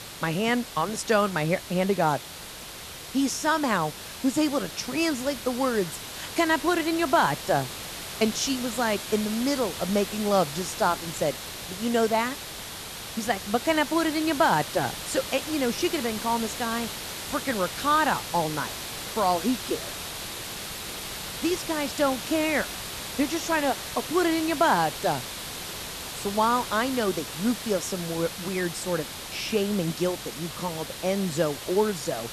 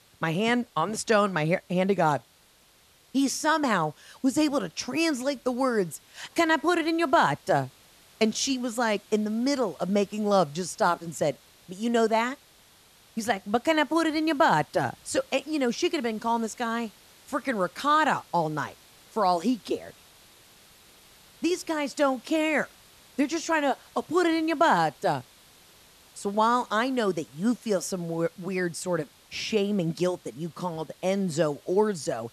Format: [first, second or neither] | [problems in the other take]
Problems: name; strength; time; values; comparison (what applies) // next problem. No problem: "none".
second | hiss; loud; throughout; 8 dB below the speech; faint in the second